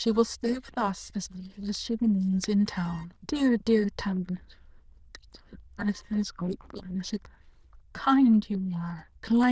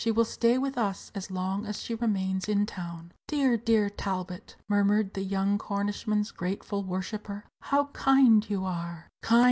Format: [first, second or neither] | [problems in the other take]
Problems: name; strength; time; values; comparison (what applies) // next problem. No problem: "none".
second | noise reduction (neural diffusion model UNIVERSE++)